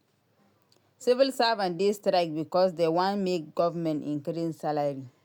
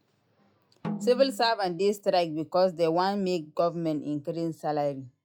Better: first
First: none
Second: noise reduction (classical method log-MMSE)

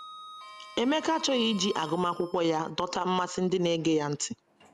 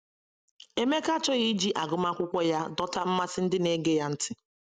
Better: second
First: background sound (Sliding door); 20 dB below the speech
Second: none

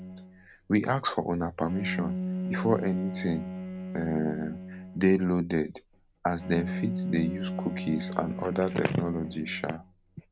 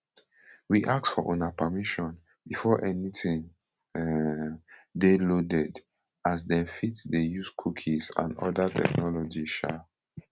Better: second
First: background sound (Bowed string instrument); 6 dB below the speech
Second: none

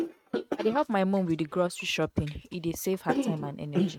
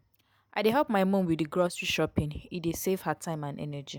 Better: second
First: noise reduction (neural mask model RNNoise)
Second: none

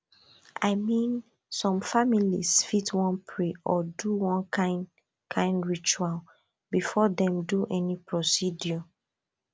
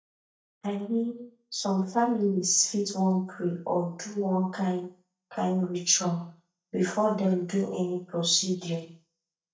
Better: first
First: none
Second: noise reduction (neural mask model DeepFilterNet 3)

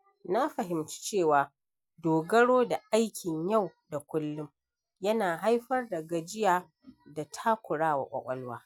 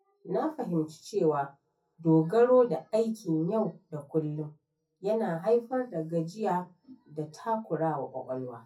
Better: first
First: none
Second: room echo; dies away in 0.3 s

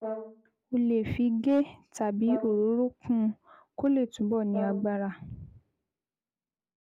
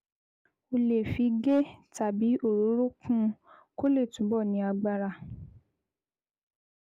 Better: second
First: background sound (Brass instrument); 15 dB below the speech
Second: none

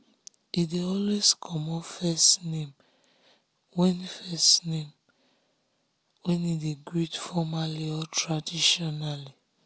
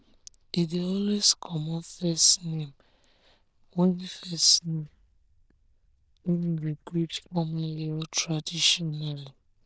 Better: first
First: none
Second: noise reduction (neural diffusion model UNIVERSE++)

